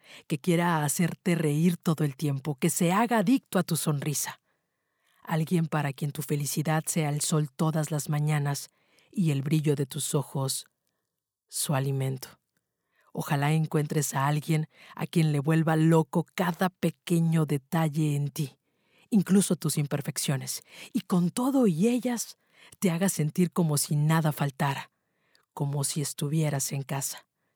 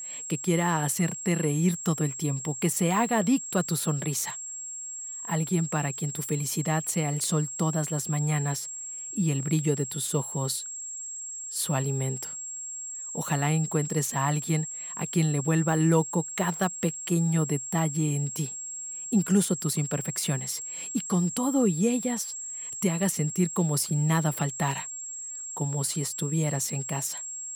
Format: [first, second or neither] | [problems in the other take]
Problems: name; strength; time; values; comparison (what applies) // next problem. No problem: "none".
first | high-pitched whine; loud; throughout; 7.5 kHz, 6 dB below the speech